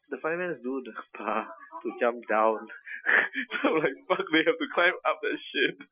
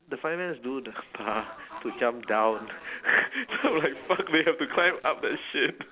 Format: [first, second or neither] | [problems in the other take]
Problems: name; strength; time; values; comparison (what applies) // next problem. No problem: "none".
second | noise reduction (classical method Wiener filter)